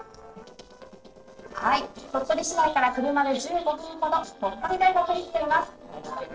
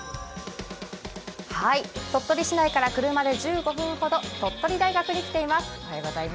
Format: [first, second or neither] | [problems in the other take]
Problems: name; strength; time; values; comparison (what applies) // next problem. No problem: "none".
second | noise reduction (neural separator model SepFormer DNS4)